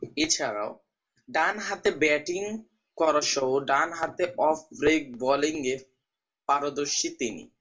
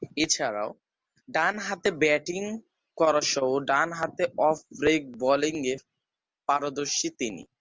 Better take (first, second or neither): second